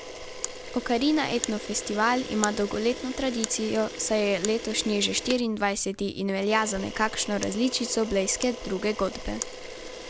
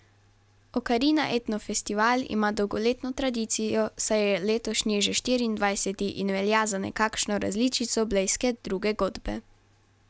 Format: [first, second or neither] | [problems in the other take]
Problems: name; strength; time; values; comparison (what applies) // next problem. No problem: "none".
second | background sound (Camera); 10 dB below the speech